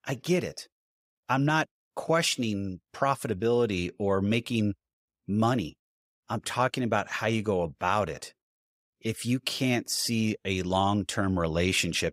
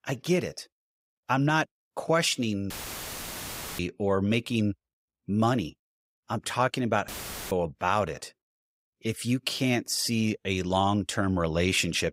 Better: first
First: none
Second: audio cutting out; filled with static; at 2.5 s for 1 s and at 7 s

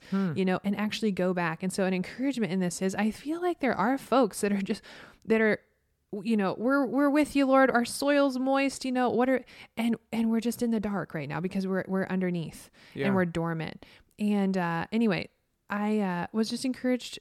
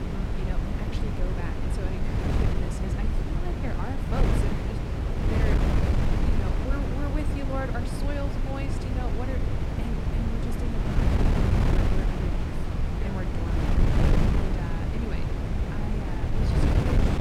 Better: first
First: none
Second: wind noise on the microphone; heavy; 5 dB above the speech

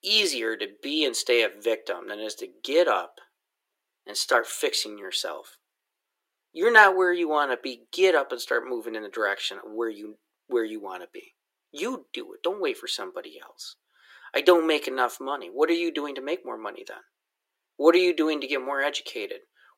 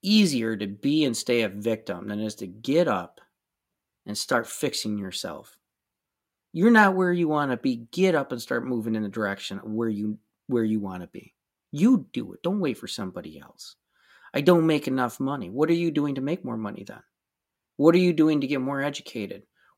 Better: second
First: thin; very; fading below 350 Hz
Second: none

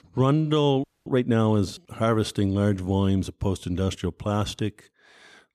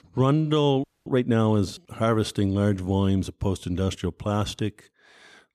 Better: neither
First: audio freezing; at 1 s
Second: audio freezing; at 1 s

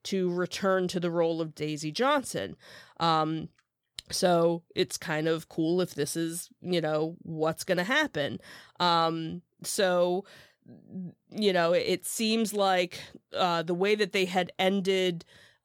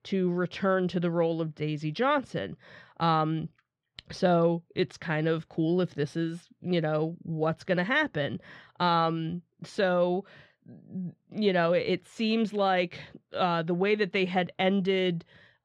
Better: first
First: none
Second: muffled; slightly; fading above 2.5 kHz

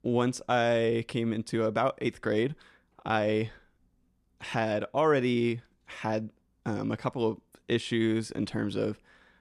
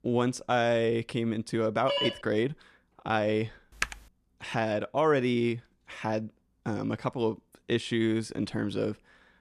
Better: first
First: none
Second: phone ringing; noticeable; at 2 s; peak level with the speech // keyboard typing; noticeable; at 4 s; peak 4 dB below the speech

